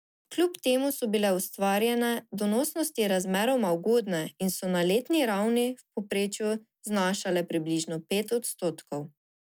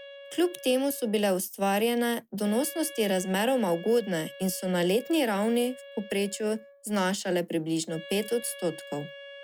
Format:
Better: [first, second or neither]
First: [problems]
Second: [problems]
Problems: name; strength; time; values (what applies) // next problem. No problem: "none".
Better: first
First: none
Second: background sound (Wind instrument, woodwind instrument); 18 dB below the speech